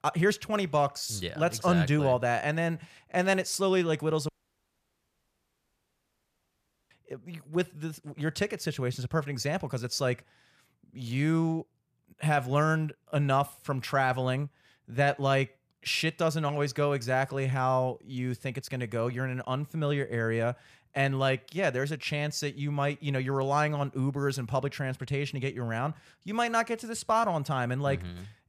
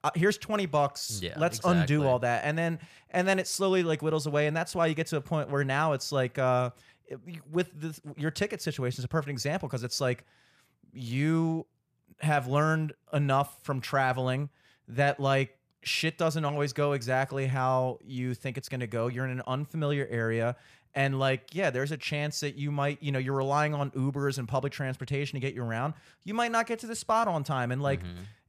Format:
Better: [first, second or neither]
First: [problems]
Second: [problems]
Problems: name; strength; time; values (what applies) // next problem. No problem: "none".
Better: second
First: audio cutting out; at 4.5 s for 2.5 s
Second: none